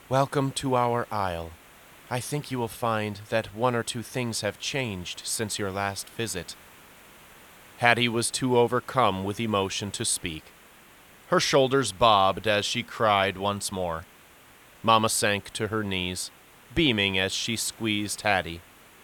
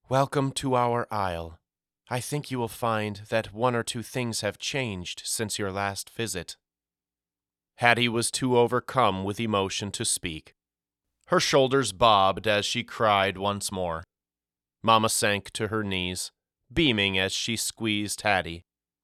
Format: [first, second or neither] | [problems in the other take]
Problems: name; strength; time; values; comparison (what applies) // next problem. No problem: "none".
second | hiss; faint; throughout; 25 dB below the speech